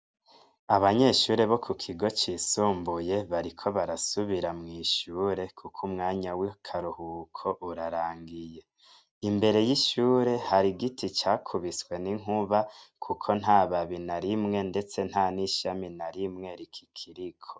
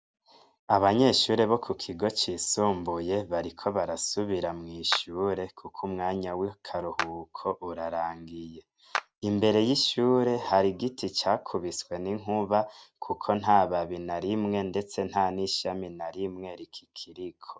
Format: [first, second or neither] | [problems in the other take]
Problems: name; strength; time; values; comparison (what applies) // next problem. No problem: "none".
first | background sound (Clapping); 11 dB below the speech